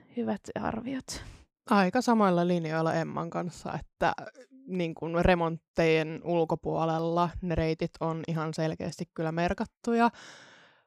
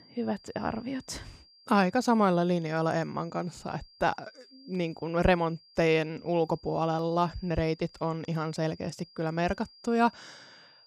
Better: first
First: none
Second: high-pitched whine; faint; throughout; 5 kHz, 25 dB below the speech

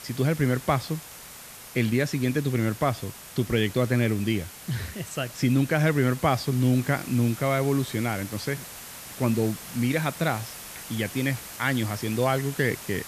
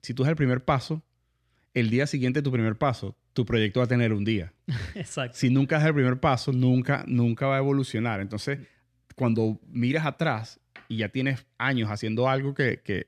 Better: second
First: hiss; noticeable; throughout; 15 dB below the speech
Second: none

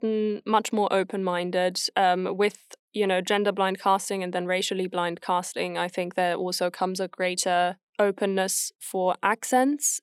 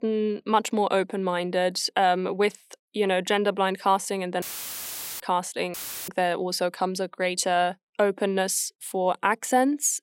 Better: first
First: none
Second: audio cutting out; filled with static; at 4.5 s for 1 s and at 5.5 s

